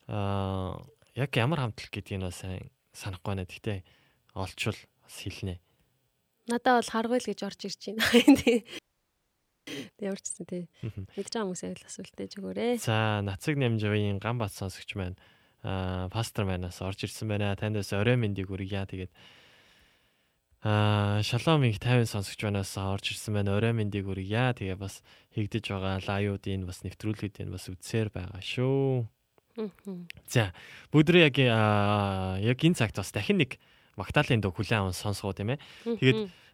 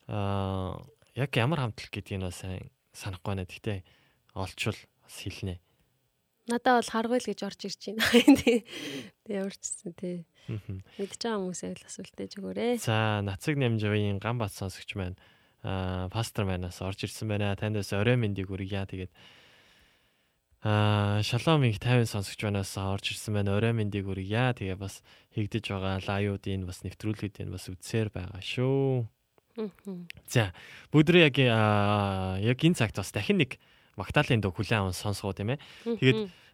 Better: second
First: audio freezing; at 9 s for 1 s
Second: none

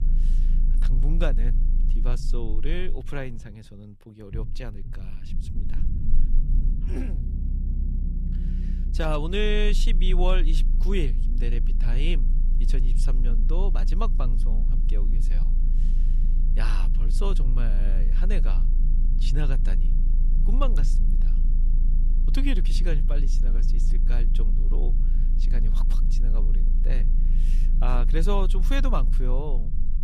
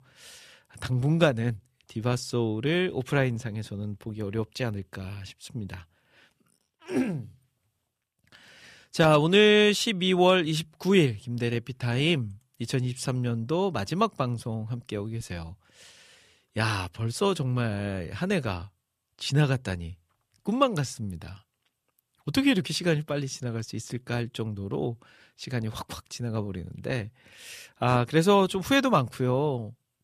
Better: second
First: low rumble; noticeable; throughout; 10 dB below the speech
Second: none

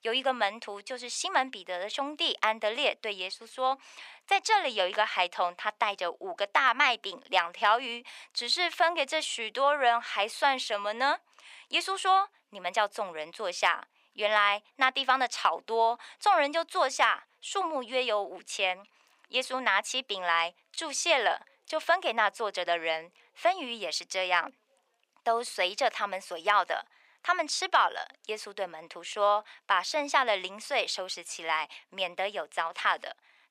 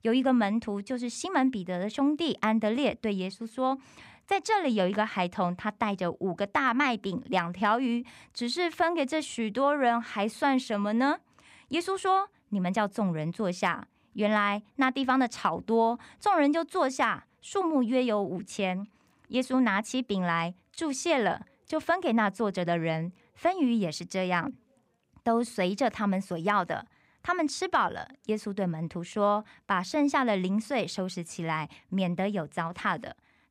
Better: second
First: thin; very; fading below 550 Hz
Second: none

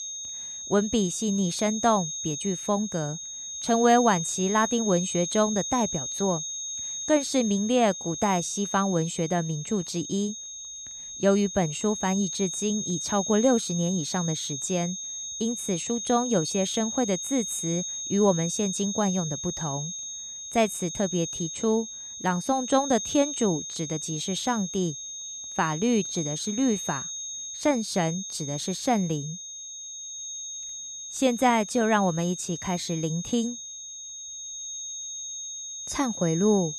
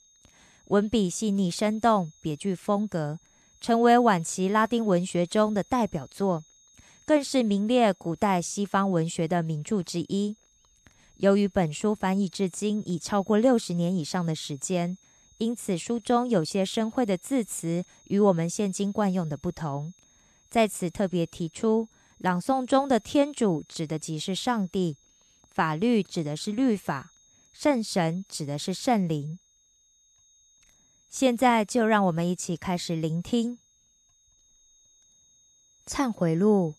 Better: second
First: high-pitched whine; loud; throughout; 6.5 kHz, 6 dB below the speech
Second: high-pitched whine; faint; throughout; 6.5 kHz, 30 dB below the speech

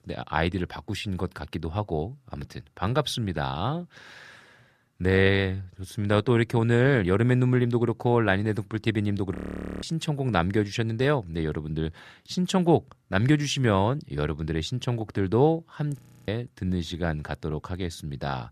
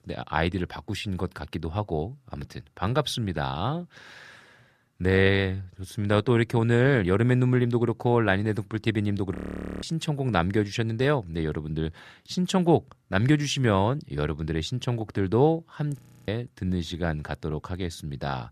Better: neither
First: audio freezing; at 9.5 s and at 16 s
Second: audio freezing; at 9.5 s and at 16 s

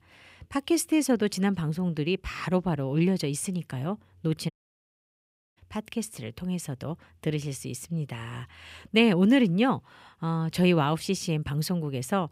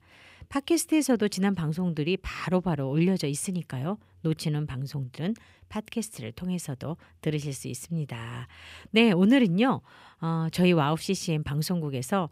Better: second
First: audio cutting out; at 4.5 s for 1 s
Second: none

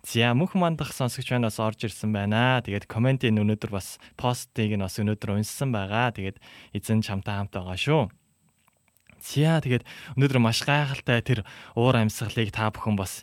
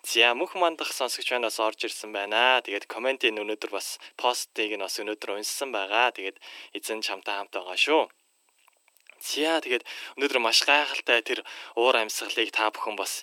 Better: first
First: none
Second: thin; very; fading below 300 Hz

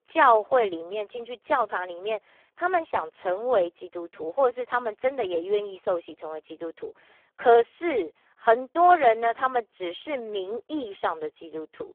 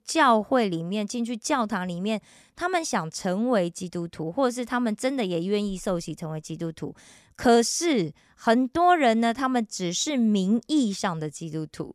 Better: second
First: phone-call audio; poor line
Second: none

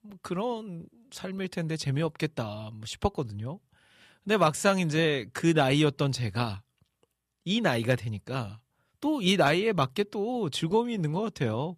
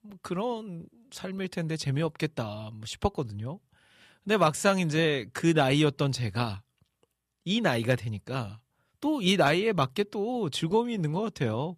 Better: neither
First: none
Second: none

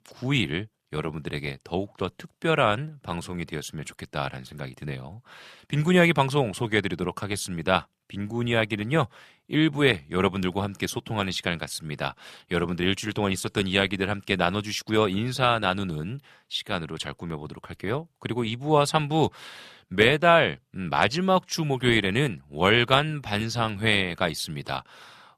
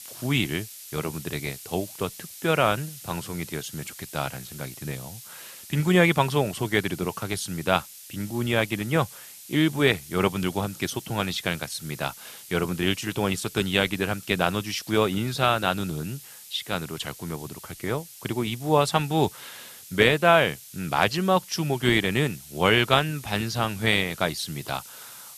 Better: first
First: none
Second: hiss; noticeable; throughout; 15 dB below the speech

